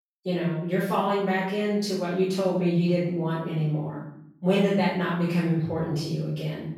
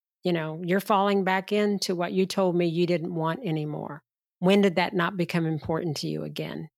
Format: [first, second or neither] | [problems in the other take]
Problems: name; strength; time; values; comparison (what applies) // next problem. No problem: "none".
second | off-mic speech; far // room echo; strong; dies away in 0.7 s